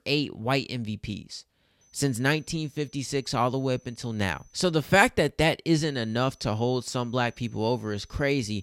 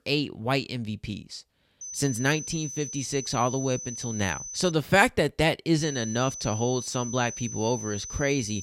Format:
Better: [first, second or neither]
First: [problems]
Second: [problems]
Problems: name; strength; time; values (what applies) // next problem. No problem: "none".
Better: first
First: high-pitched whine; faint; from 2 to 4.5 s and from 6 s on; 6 kHz, 35 dB below the speech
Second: high-pitched whine; loud; from 2 to 4.5 s and from 6 s on; 6 kHz, 8 dB below the speech